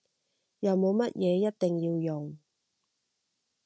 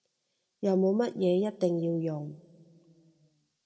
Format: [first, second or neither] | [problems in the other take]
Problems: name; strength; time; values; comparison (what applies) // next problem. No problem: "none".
first | room echo; dies away in 1.2 s